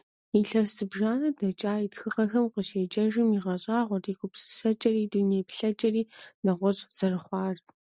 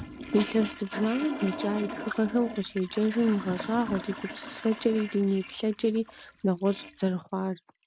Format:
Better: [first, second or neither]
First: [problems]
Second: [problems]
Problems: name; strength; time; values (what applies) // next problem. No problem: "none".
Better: first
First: none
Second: background sound (Toilet flush); 11 dB below the speech